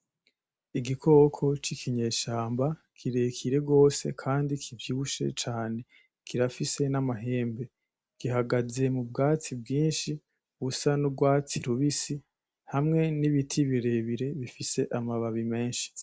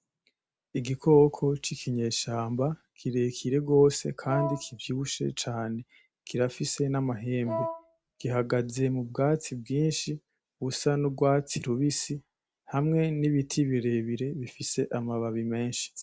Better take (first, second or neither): first